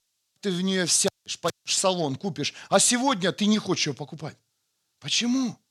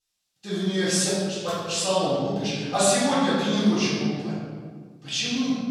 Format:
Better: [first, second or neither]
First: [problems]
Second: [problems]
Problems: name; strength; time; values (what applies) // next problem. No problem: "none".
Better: first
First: none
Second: room echo; strong; dies away in 1.6 s // off-mic speech; far